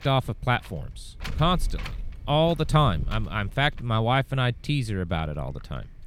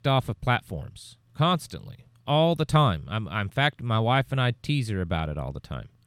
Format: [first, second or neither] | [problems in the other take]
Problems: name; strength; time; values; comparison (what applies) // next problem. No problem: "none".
second | wind noise on the microphone; occasional gusts; 20 dB below the speech